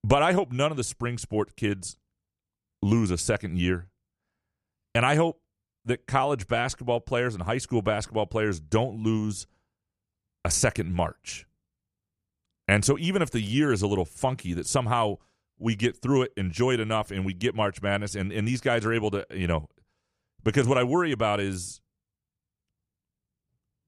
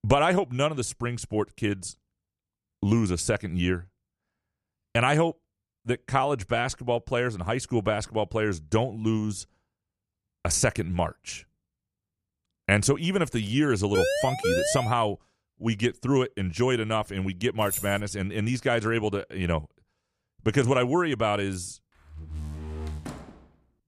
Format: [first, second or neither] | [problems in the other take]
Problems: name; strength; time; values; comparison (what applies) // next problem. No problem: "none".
first | siren; loud; at 14 s; peak 1 dB above the speech // jangling keys; noticeable; at 18 s; peak 5 dB below the speech // door banging; noticeable; from 22 s on; peak 9 dB below the speech